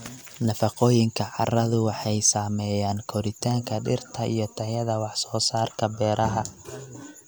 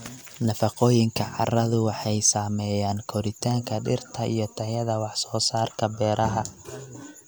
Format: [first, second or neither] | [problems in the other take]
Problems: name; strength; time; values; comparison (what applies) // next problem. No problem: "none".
first | background sound (Thump, thud); 15 dB below the speech